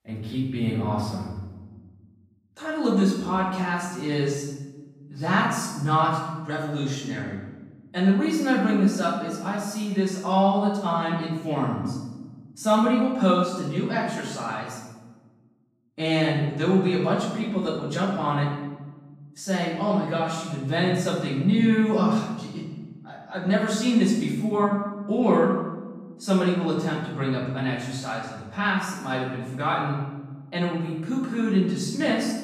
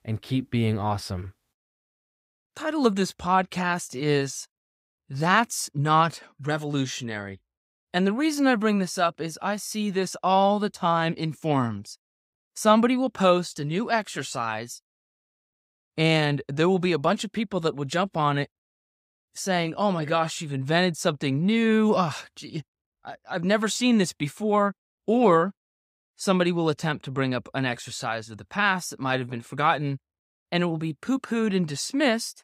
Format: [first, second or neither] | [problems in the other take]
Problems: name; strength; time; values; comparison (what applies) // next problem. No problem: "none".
second | room echo; noticeable; dies away in 1.1 s // off-mic speech; far